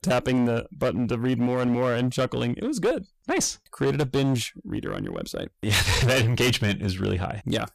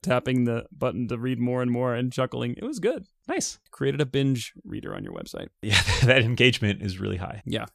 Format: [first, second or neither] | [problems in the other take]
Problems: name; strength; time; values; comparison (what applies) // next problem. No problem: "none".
second | distortion; heavy; 14% of the sound clipped